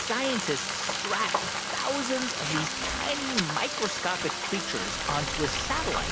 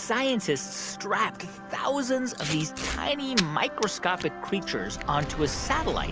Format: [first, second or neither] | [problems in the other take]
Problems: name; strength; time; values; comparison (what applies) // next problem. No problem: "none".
second | background sound (Frying (food)); 1 dB below the speech